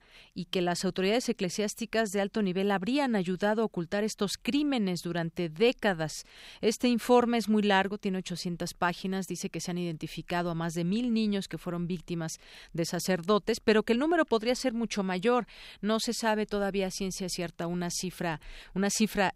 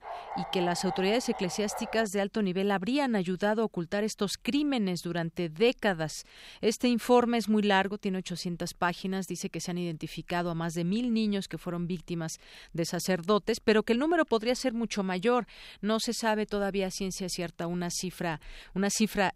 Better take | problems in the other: first | dog barking; noticeable; until 2 s; peak 7 dB below the speech

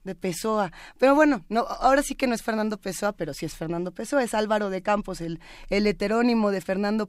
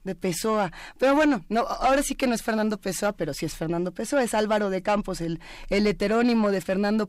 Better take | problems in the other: first | distortion; slight; 10 dB below the speech

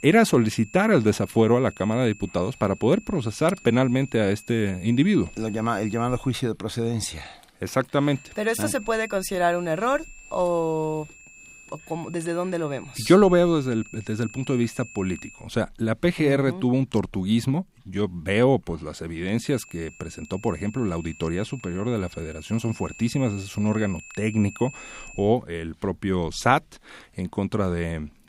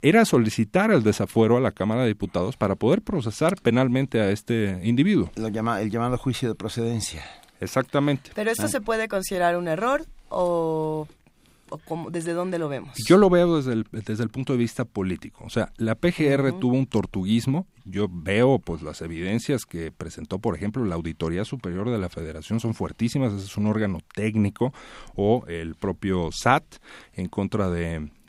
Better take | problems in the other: second | high-pitched whine; noticeable; until 6.5 s, from 8 to 15 s and from 19 to 25 s; 2.5 kHz, 20 dB below the speech

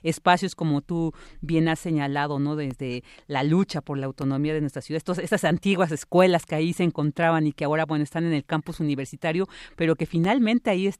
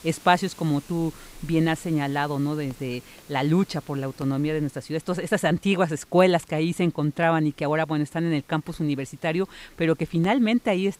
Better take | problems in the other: first | hiss; faint; throughout; 25 dB below the speech

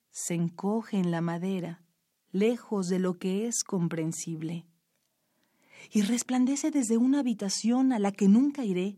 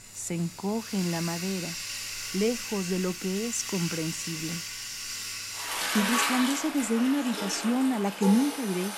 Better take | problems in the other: first | household noises; loud; throughout; 3 dB below the speech

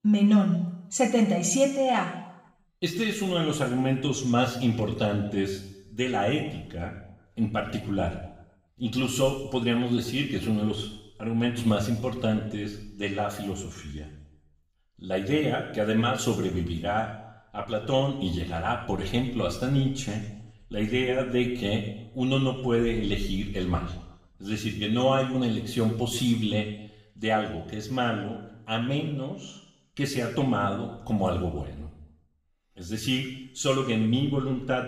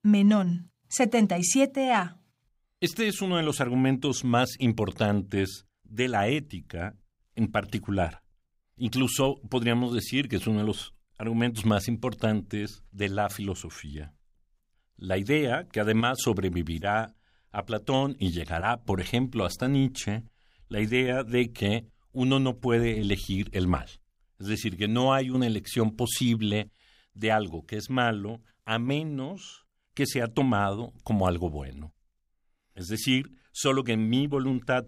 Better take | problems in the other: second | room echo; noticeable; dies away in 0.8 s // off-mic speech; far

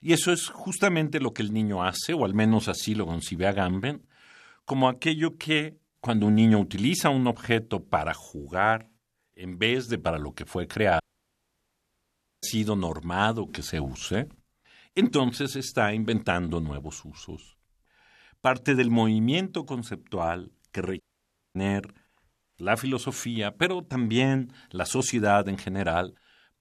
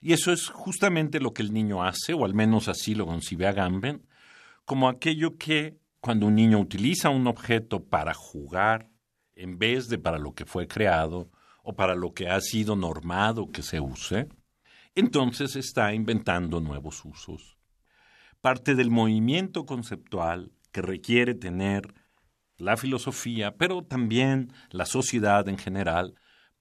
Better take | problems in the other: second | audio cutting out; at 11 s for 1.5 s and at 21 s for 0.5 s

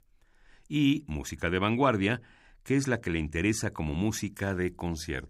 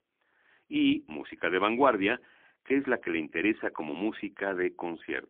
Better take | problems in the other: first | phone-call audio; poor line; nothing above 3.5 kHz

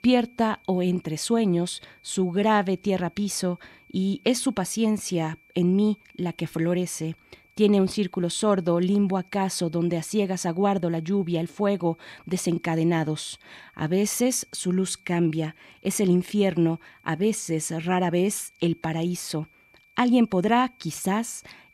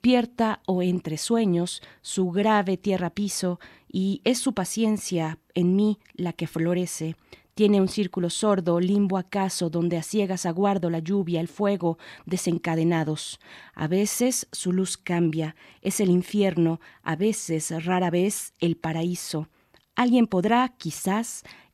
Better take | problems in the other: second | high-pitched whine; faint; throughout; 2.5 kHz, 30 dB below the speech

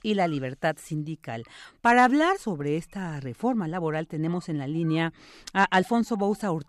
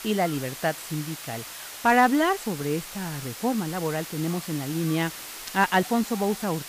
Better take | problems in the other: first | hiss; noticeable; throughout; 10 dB below the speech

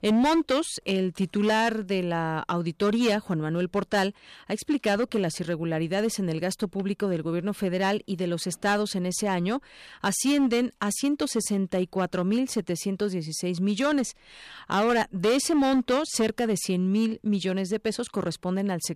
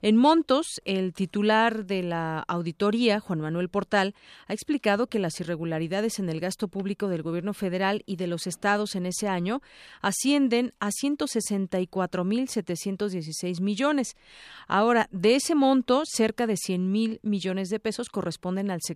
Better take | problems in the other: second | distortion; slight; 6% of the sound clipped

